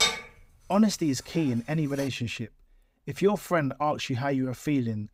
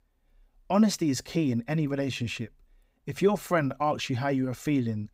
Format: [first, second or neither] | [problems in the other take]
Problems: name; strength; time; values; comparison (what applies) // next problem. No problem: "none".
second | clattering dishes; loud; at the start; peak 3 dB above the speech